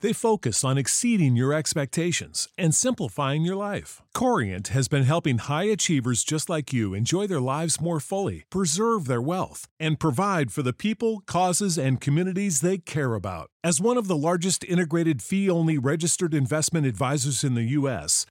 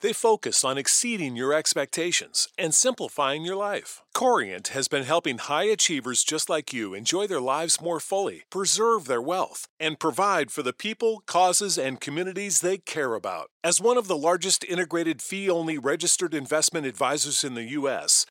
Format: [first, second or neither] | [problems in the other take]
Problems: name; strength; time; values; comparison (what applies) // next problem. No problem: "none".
first | thin; somewhat; fading below 450 Hz